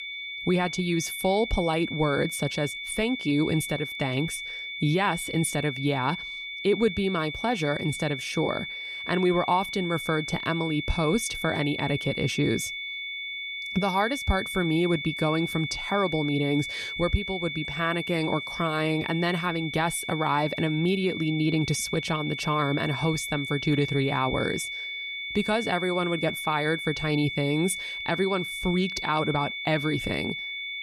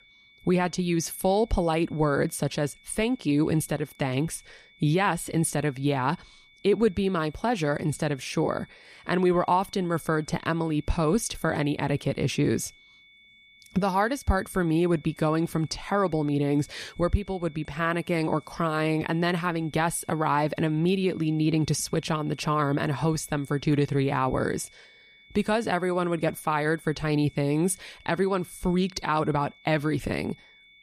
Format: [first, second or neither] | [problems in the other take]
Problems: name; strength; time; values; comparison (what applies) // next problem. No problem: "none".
second | high-pitched whine; loud; throughout; 2 kHz, 5 dB below the speech; faint in the second